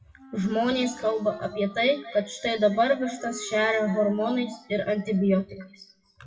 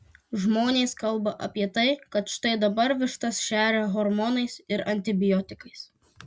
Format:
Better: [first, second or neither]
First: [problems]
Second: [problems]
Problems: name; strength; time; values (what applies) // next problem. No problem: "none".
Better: second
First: noise reduction (classical method WPE with log-MMSE)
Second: none